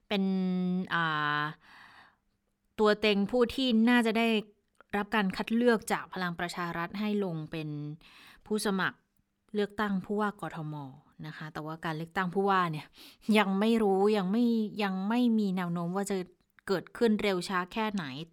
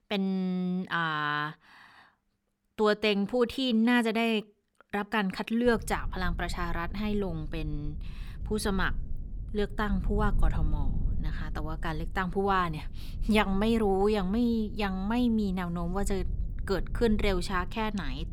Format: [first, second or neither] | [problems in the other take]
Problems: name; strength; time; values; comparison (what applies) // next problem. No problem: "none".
first | low rumble; faint; from 5.5 s on; 25 dB below the speech